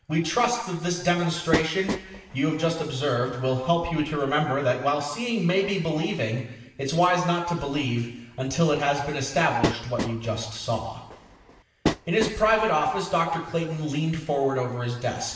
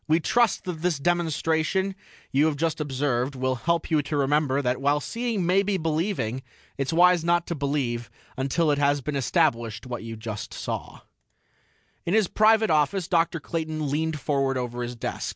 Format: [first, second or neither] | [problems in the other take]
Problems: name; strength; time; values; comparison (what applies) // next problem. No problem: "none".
second | background sound (Train); 7 dB below the speech // room echo; dies away in 1 s